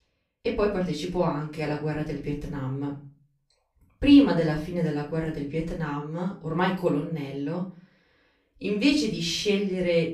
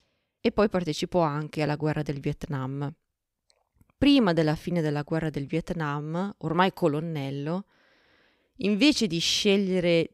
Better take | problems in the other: second | off-mic speech; far // room echo; slight; dies away in 0.3 s

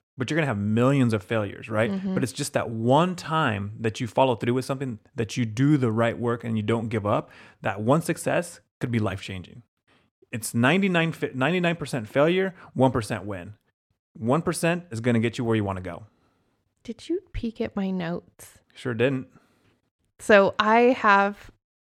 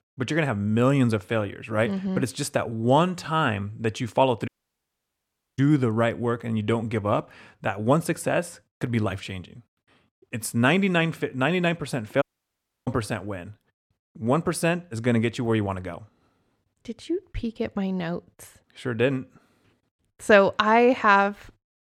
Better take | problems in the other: first | audio cutting out; at 4.5 s for 1 s and at 12 s for 0.5 s

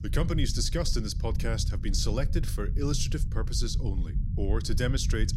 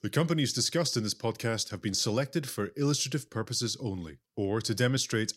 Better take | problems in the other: second | low rumble; noticeable; throughout; 15 dB below the speech

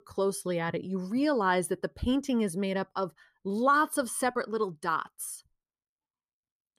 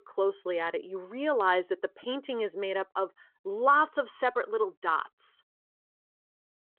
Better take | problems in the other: first | phone-call audio

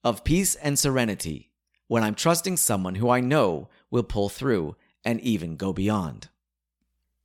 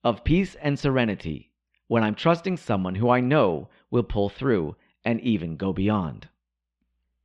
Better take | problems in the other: first | muffled; very; fading above 3 kHz

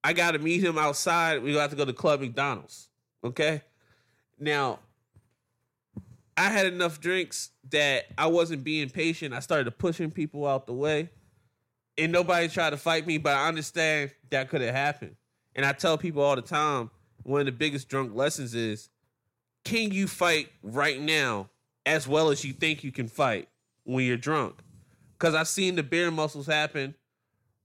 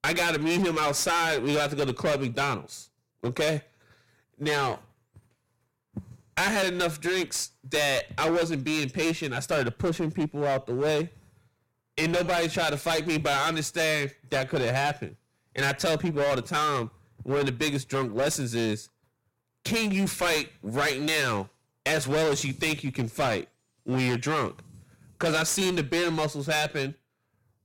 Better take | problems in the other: first | distortion; heavy; 17% of the sound clipped

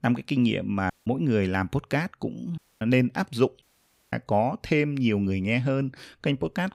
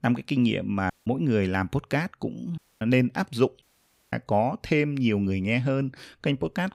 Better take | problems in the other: neither | audio cutting out; at 1 s, at 2.5 s and at 3.5 s for 0.5 s; the same in both

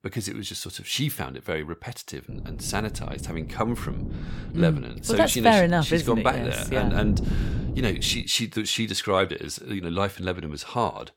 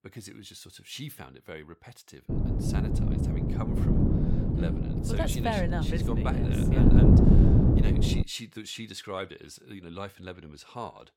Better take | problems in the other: first | wind noise on the microphone; heavy; from 2.5 to 8 s; 4 dB above the speech; occasional gusts in the first

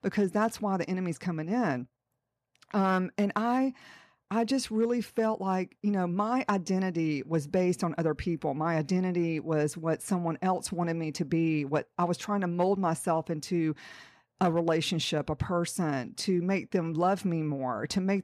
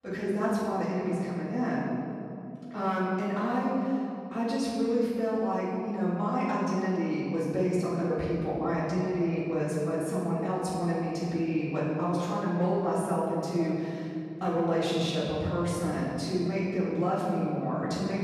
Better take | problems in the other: first | off-mic speech; far // room echo; strong; dies away in 2.6 s

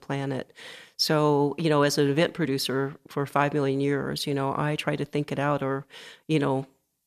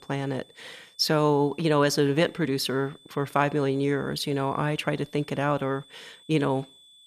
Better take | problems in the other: first | high-pitched whine; faint; throughout; 3.5 kHz, 25 dB below the speech

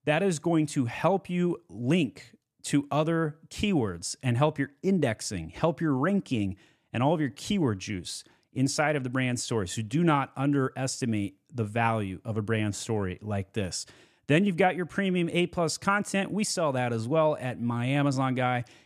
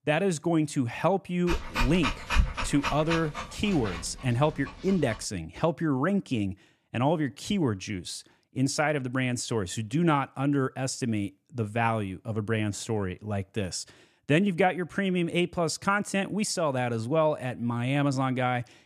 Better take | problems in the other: first | dog barking; loud; from 1.5 to 3.5 s; peak level with the speech

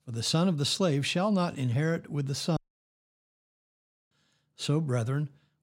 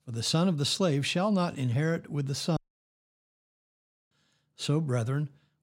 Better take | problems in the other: neither | audio cutting out; at 2.5 s for 1.5 s; the same in both

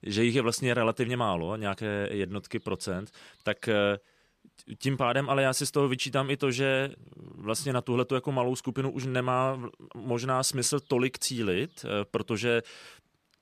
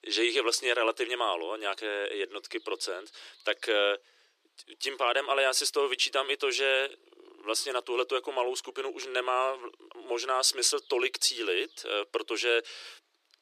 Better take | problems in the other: first | thin; very; fading below 350 Hz

